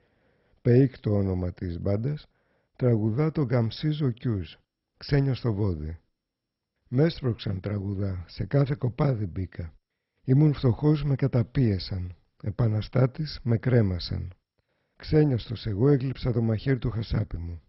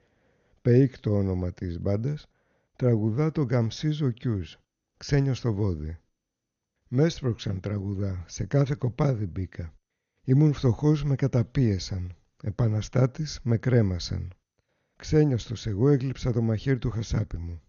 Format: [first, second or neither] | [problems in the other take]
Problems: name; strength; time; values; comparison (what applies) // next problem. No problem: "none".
second | garbled, watery; badly; nothing above 5.5 kHz; slightly in the second